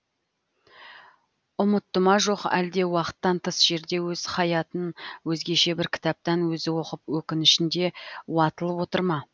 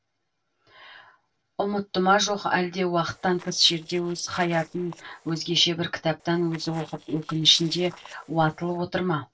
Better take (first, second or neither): first